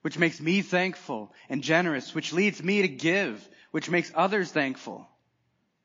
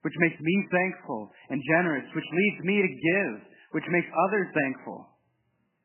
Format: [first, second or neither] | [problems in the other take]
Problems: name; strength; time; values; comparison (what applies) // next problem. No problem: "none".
first | garbled, watery; badly; nothing above 2.5 kHz; slightly in the first